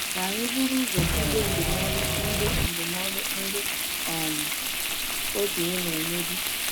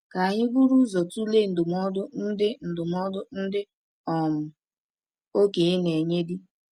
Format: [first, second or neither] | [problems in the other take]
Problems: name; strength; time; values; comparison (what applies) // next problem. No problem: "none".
second | background sound (Engine / Mechanisms + Frying (food)); 5 dB above the speech